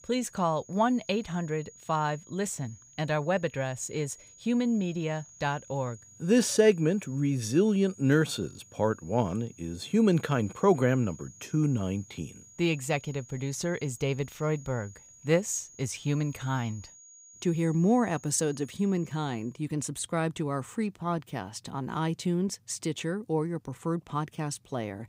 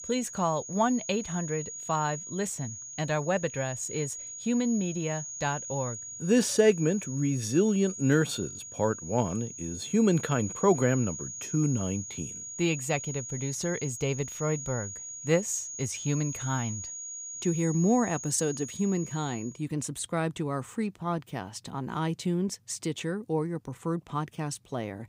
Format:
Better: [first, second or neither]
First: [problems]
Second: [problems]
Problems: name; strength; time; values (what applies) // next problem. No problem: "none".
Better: first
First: high-pitched whine; faint; until 20 s; 6.5 kHz, 20 dB below the speech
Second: high-pitched whine; loud; until 20 s; 6.5 kHz, 8 dB below the speech